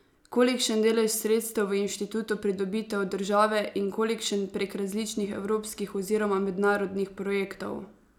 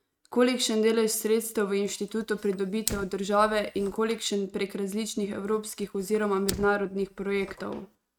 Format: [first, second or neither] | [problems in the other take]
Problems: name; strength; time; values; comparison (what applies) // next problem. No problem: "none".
first | noise reduction (neural mask model RNNoise)